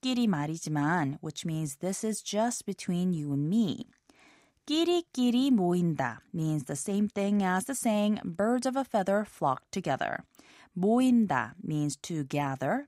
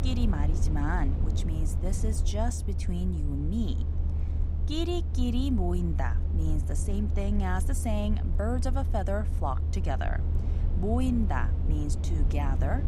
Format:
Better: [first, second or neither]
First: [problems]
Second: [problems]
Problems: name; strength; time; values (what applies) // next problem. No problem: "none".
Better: first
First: none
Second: low rumble; loud; throughout; 9 dB below the speech